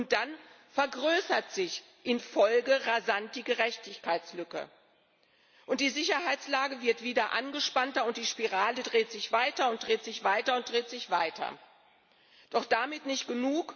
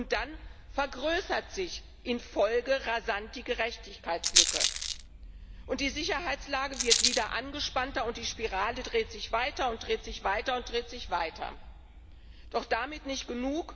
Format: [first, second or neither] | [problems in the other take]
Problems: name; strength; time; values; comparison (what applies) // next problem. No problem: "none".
first | background sound (Rattle); 3 dB below the speech